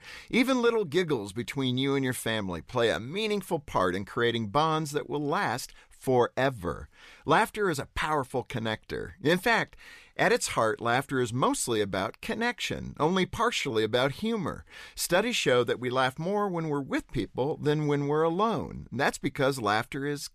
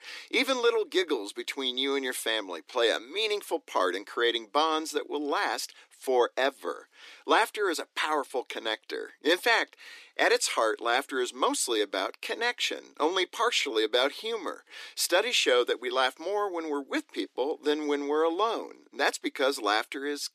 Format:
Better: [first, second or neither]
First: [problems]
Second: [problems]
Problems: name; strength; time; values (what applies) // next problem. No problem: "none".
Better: first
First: none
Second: thin; somewhat; fading below 300 Hz